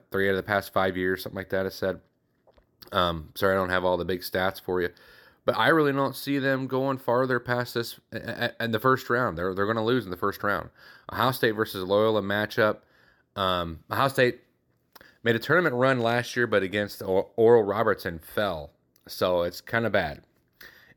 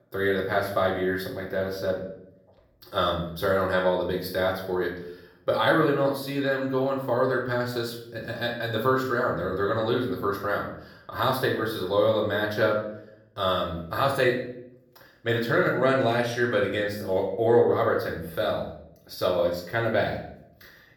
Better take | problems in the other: first | room echo; noticeable; dies away in 0.6 s // off-mic speech; far

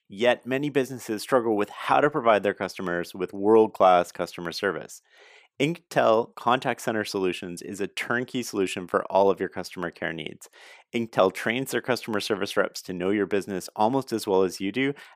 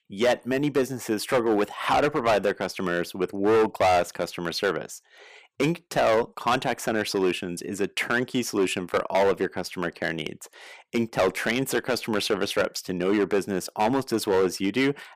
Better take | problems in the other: first | distortion; heavy; 7% of the sound clipped

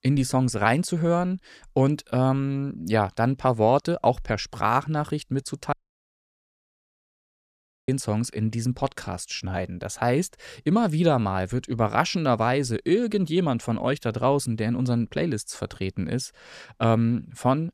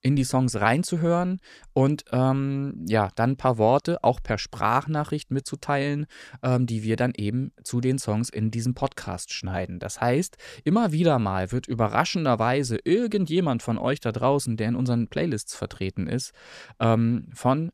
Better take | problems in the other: second | audio cutting out; at 5.5 s for 2 s

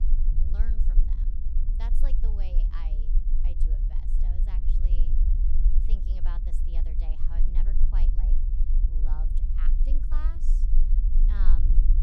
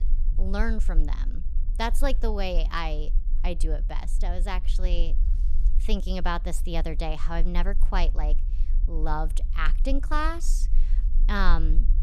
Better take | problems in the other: second | low rumble; loud; throughout; 1 dB below the speech; faint in the second

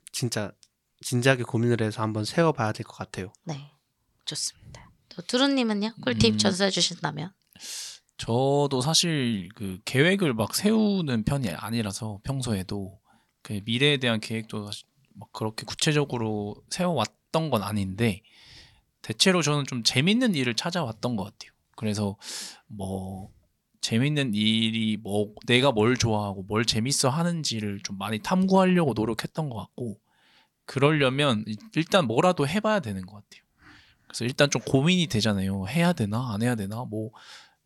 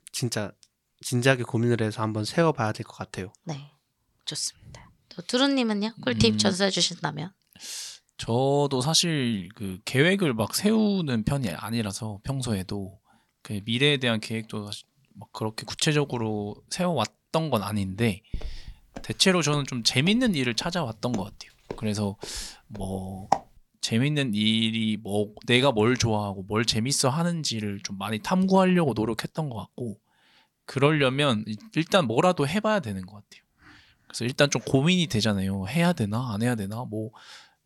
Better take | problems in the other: first | footsteps; noticeable; from 18 to 23 s; peak 3 dB below the speech

